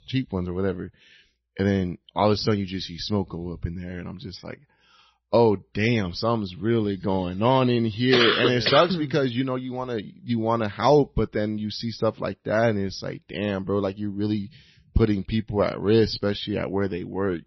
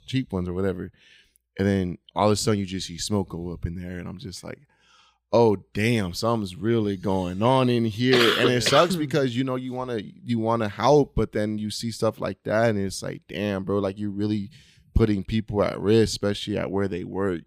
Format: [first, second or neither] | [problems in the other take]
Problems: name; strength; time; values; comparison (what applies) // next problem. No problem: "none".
second | garbled, watery; slightly; nothing above 5.5 kHz